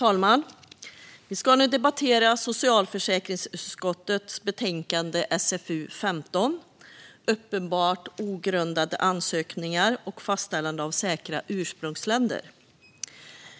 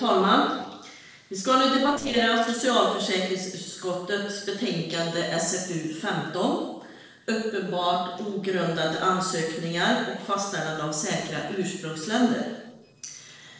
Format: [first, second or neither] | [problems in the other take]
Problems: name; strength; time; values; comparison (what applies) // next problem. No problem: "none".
first | noise reduction (neural separator model SepFormer DNS4)